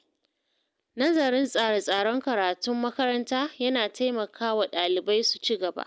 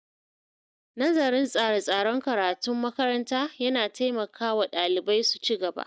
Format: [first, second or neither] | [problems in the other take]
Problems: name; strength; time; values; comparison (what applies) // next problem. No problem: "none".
first | noise reduction (neural mask model DeepFilterNet 3)